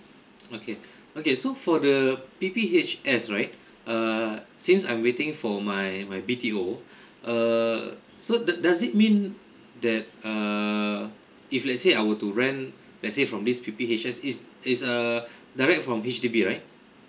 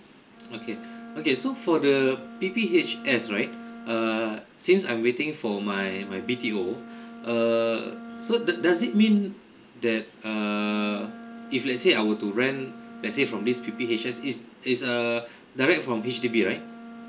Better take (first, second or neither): first